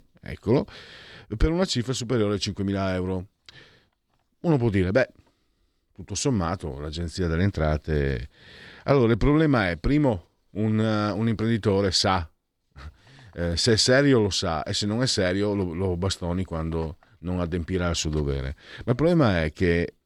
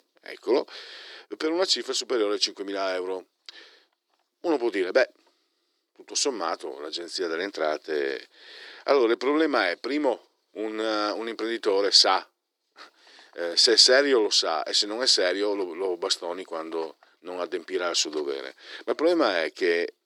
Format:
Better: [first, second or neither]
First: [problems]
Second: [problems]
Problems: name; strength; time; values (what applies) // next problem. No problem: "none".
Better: first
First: none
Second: thin; very; fading below 350 Hz